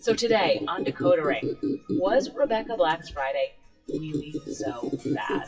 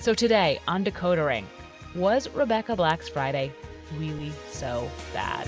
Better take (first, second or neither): second